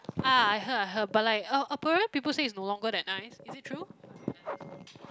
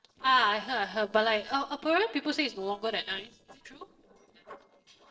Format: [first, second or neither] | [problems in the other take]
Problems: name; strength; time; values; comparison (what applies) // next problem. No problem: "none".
first | noise reduction (neural separator model SepFormer DNS4)